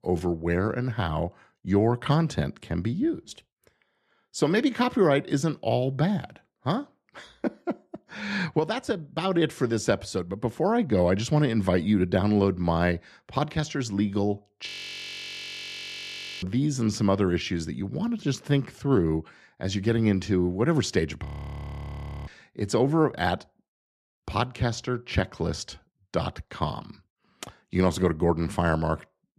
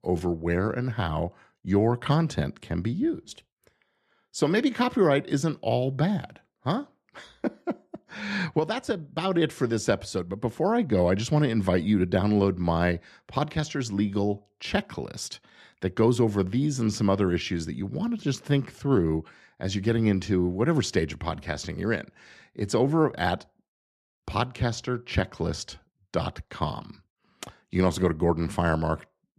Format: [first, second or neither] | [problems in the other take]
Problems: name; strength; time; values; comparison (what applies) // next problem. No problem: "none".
second | audio freezing; at 15 s for 2 s and at 21 s for 1 s